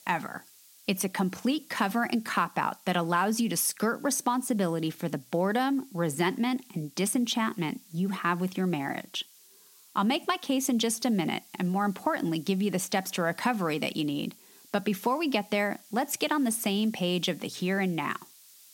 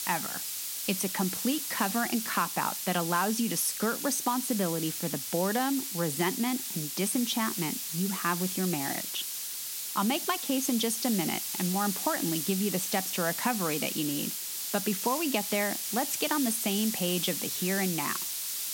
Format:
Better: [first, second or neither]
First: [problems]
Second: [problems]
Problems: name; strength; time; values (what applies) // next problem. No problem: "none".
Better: first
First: hiss; faint; throughout; 25 dB below the speech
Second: hiss; loud; throughout; 2 dB below the speech